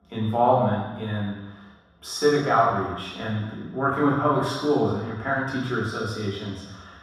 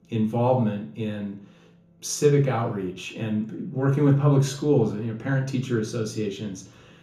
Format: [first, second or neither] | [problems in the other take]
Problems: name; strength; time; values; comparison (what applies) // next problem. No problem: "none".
second | room echo; strong; dies away in 1.2 s; slight in the second // off-mic speech; far; far in the second